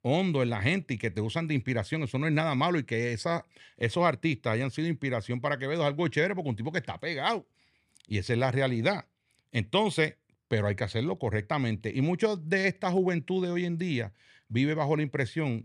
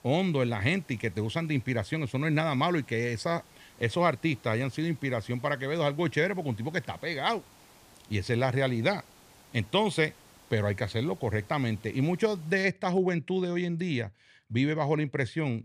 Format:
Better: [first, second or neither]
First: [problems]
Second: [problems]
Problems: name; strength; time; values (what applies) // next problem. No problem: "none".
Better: first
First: none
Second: hiss; faint; until 13 s; 25 dB below the speech